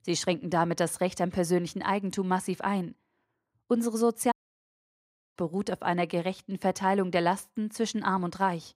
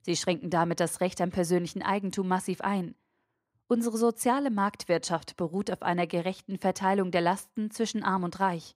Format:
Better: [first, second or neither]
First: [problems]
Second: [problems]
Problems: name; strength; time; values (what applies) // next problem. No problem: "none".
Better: second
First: audio cutting out; at 4.5 s for 1 s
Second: none